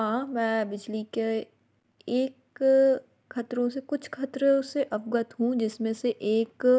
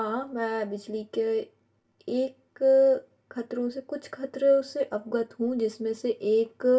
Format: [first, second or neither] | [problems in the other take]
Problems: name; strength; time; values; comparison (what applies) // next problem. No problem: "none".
first | room echo; dies away in 0.2 s